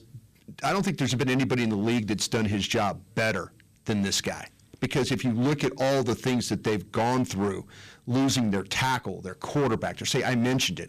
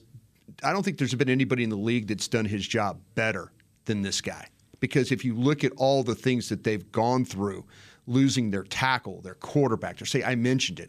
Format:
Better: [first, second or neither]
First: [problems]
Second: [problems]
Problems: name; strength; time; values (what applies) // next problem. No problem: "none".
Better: second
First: distortion; heavy; 14% of the sound clipped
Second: none